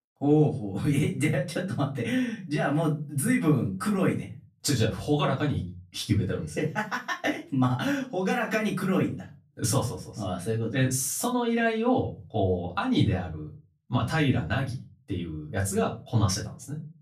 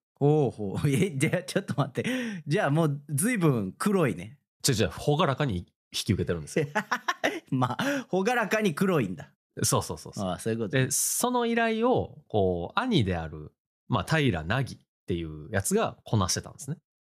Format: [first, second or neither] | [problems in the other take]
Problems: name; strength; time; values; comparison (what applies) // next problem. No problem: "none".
second | off-mic speech; far // room echo; very slight; dies away in 0.3 s